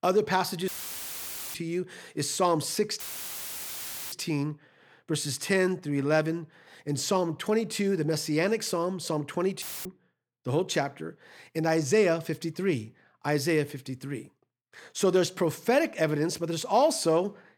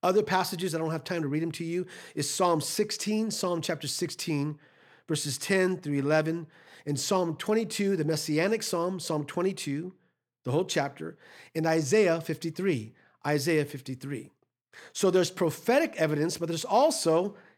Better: second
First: audio cutting out; filled with static; at 0.5 s for 1 s, at 3 s for 1 s and at 9.5 s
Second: none

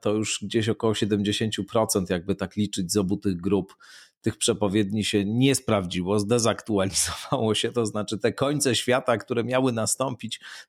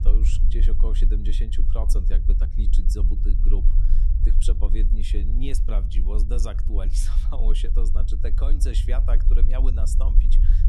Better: first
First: none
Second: low rumble; loud; throughout; 7 dB below the speech

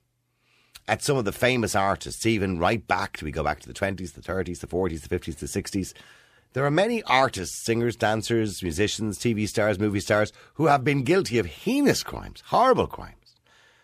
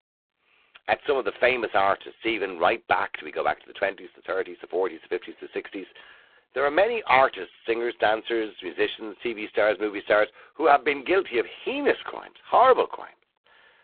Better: first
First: none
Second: phone-call audio; poor line; nothing above 3.5 kHz

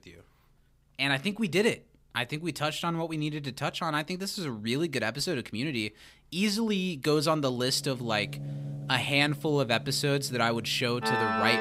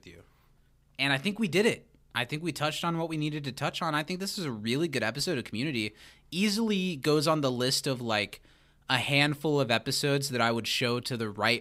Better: second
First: background music; loud; from 8 s on; 6 dB below the speech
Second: none

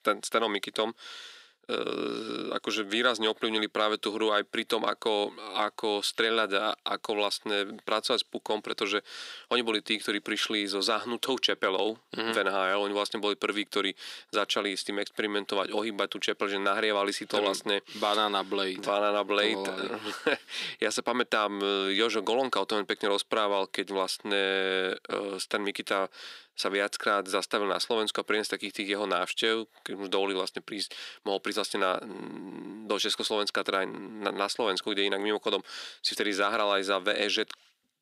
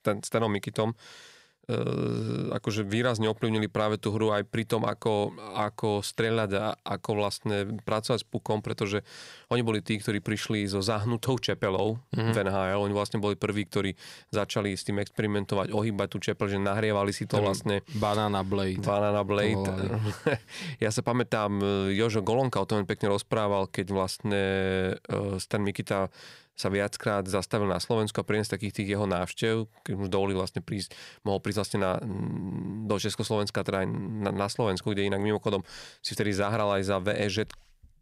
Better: second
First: thin; somewhat; fading below 300 Hz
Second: none

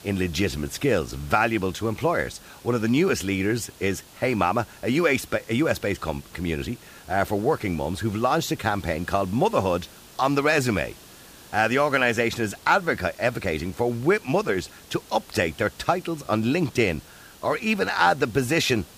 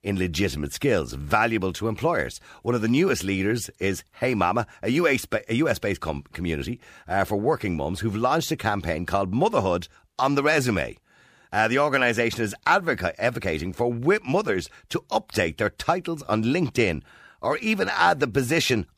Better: second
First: hiss; faint; throughout; 20 dB below the speech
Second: none

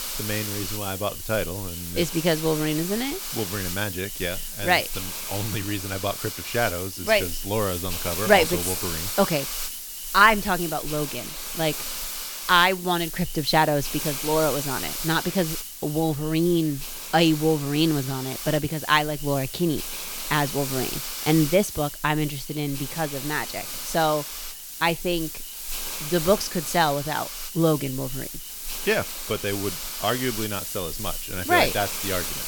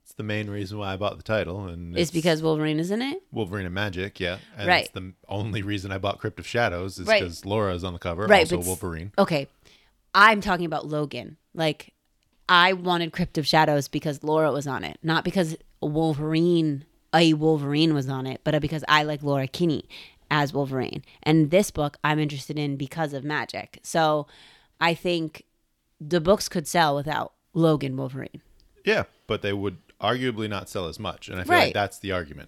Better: second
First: hiss; loud; throughout; 6 dB below the speech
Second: none

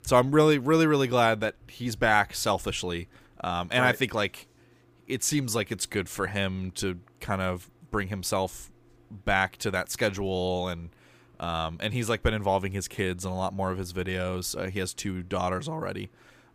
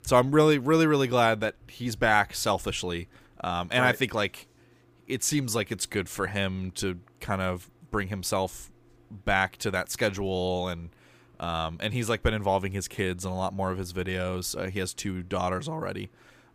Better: neither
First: none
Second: none

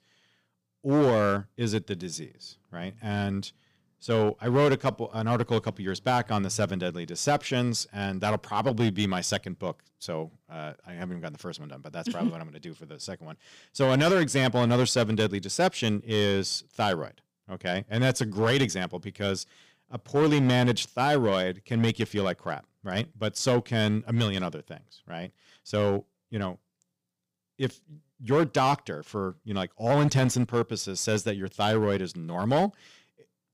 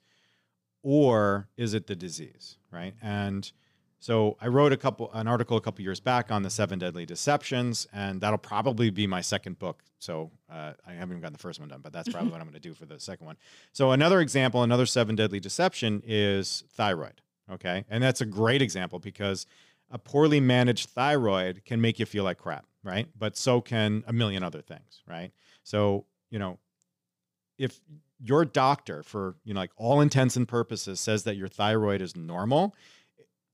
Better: second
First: distortion; slight; 4% of the sound clipped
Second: none

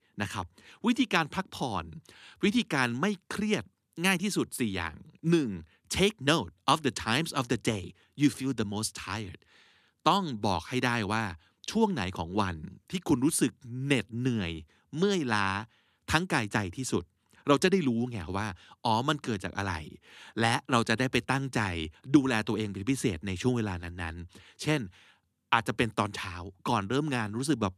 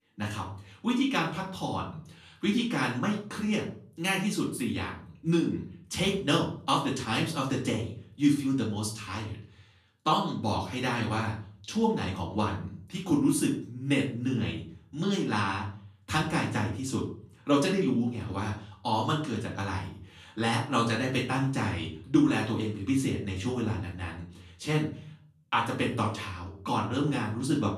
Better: first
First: none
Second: off-mic speech; far // room echo; slight; dies away in 0.4 s

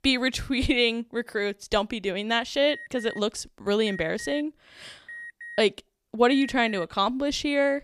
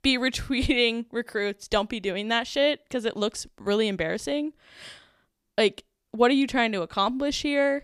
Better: second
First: alarm; faint; from 2.5 to 7 s; peak 10 dB below the speech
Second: none

